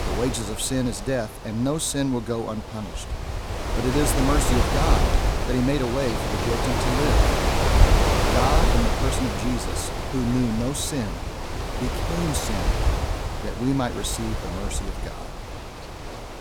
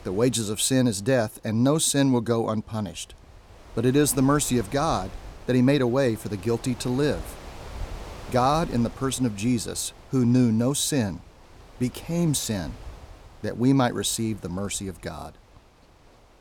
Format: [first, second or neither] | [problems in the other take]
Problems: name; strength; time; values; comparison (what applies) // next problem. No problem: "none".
second | wind noise on the microphone; heavy; 2 dB above the speech; occasional gusts in the second